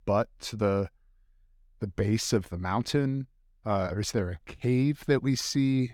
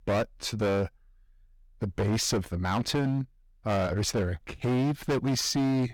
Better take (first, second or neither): first